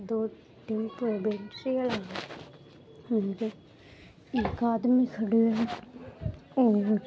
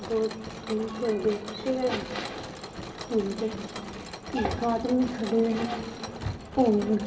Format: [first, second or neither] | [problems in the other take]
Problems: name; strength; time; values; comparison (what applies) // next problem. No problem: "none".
first | background sound (Mechanisms); 12 dB below the speech // room echo; dies away in 2.3 s